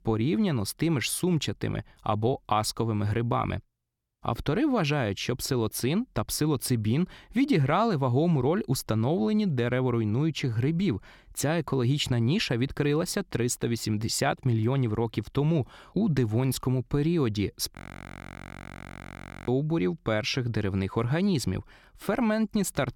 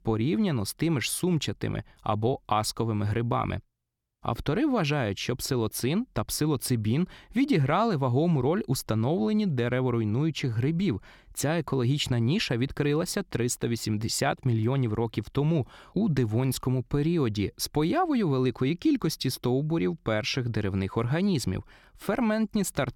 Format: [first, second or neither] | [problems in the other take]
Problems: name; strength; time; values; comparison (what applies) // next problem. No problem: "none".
second | audio freezing; at 18 s for 1.5 s